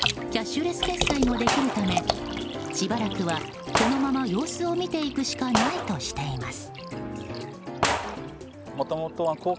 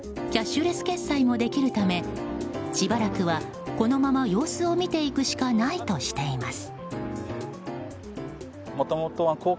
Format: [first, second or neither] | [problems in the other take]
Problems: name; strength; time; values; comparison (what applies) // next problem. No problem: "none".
second | background sound (Liquid + Gunshot, gunfire); 3 dB below the speech